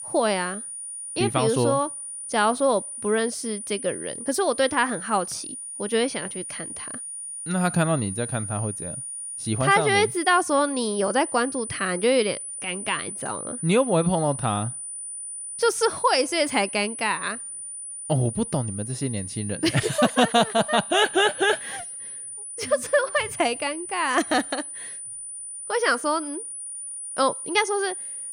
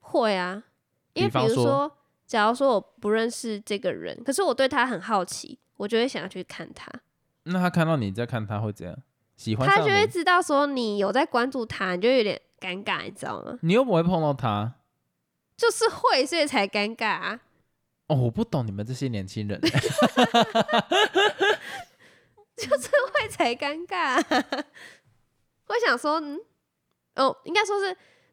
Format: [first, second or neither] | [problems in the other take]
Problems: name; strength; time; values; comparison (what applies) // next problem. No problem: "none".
second | high-pitched whine; loud; throughout; 9.5 kHz, 8 dB below the speech